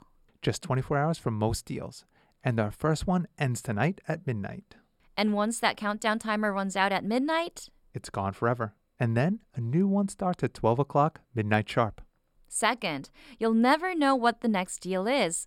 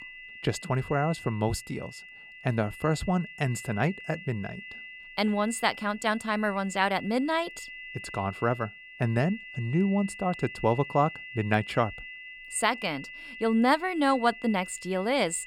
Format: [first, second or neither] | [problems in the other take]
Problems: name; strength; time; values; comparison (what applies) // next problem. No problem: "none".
first | high-pitched whine; noticeable; throughout; 2 kHz, 15 dB below the speech